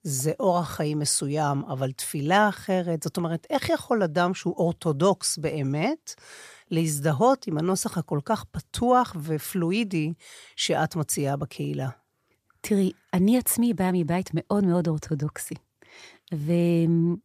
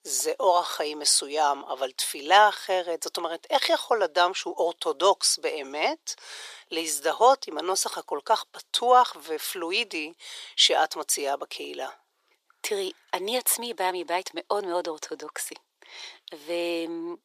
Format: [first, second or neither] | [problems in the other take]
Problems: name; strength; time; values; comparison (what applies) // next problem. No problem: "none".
first | thin; very; fading below 400 Hz